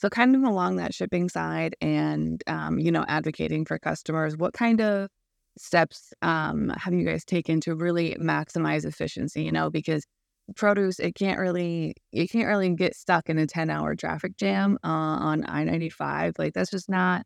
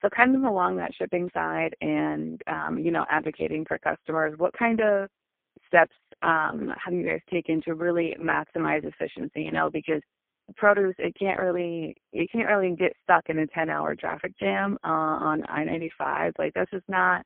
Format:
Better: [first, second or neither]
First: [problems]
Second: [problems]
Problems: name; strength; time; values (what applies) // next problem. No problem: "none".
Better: first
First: none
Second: phone-call audio; poor line